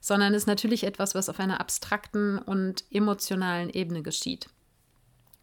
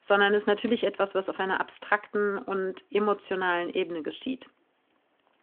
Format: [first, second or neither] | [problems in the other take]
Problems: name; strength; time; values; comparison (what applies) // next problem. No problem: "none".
first | phone-call audio